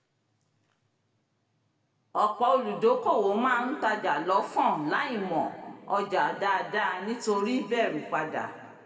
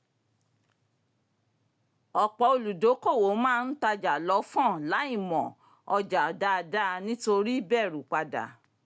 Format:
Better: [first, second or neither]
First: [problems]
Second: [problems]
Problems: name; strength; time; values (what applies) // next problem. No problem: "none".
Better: second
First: room echo; dies away in 1.9 s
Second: none